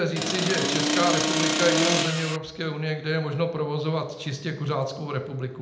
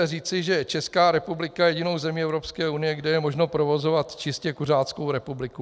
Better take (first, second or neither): second